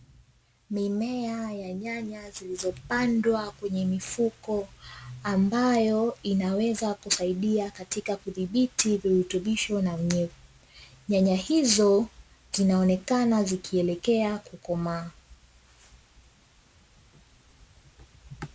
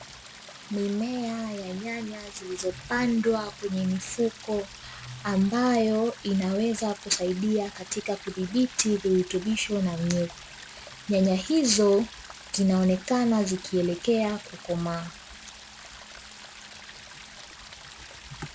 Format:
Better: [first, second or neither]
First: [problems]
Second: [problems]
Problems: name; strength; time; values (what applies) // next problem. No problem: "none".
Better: first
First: none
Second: background sound (Stream); 18 dB below the speech